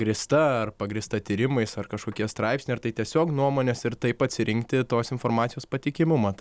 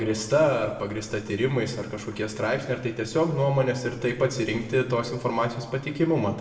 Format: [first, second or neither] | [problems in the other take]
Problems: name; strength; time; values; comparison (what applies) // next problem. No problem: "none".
first | room echo; dies away in 1 s